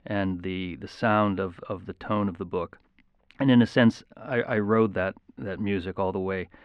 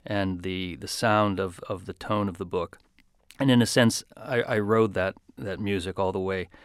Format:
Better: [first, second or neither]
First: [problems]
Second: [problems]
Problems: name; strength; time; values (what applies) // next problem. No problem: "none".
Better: second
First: muffled; slightly; fading above 2.5 kHz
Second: none